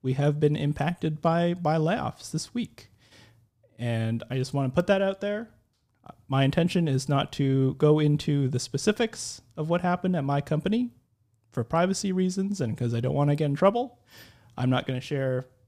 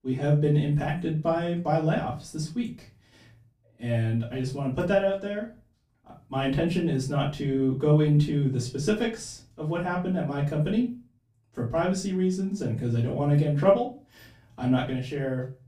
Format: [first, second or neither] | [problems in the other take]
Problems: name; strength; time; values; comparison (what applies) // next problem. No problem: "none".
first | off-mic speech; far // room echo; slight; dies away in 0.3 s